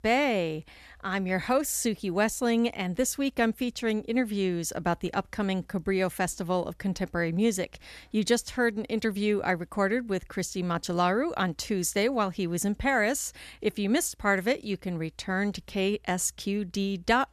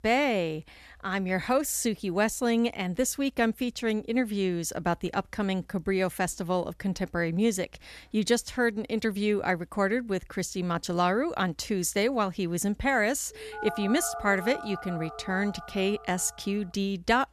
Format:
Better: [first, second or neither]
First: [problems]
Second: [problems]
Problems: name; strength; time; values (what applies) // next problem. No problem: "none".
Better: first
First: none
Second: phone ringing; noticeable; from 13 to 17 s; peak 8 dB below the speech